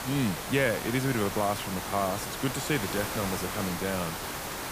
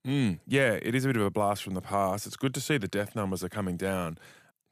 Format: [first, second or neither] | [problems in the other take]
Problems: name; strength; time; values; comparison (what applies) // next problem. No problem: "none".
second | hiss; loud; throughout; 4 dB below the speech